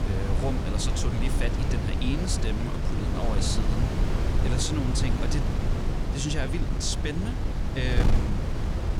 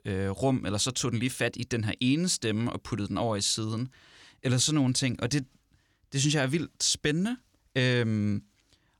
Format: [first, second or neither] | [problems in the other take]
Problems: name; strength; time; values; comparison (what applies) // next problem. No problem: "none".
second | wind noise on the microphone; heavy; 1 dB below the speech